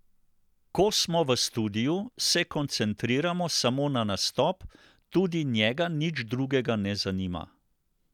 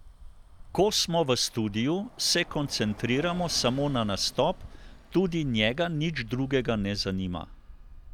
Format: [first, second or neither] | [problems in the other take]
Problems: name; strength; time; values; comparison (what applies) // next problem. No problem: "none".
first | background sound (Bus); 17 dB below the speech